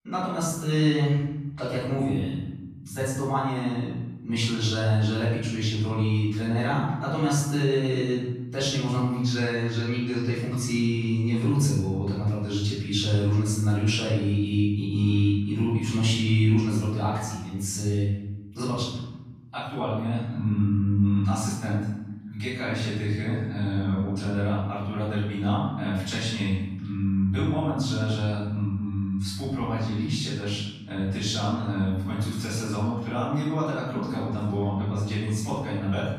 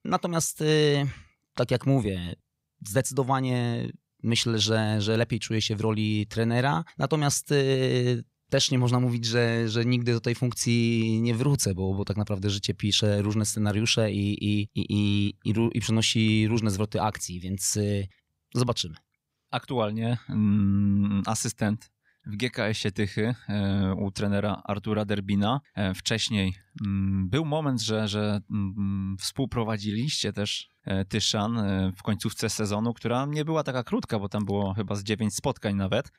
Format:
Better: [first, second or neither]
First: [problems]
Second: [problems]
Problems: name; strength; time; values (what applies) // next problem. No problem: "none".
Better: second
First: off-mic speech; far // room echo; strong; dies away in 1.1 s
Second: none